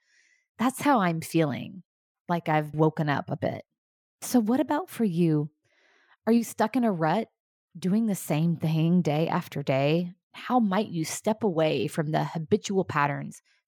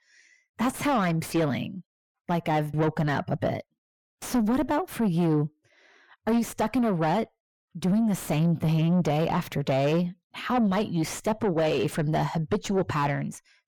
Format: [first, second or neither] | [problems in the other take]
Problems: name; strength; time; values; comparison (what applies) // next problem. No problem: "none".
first | distortion; heavy; 6 dB below the speech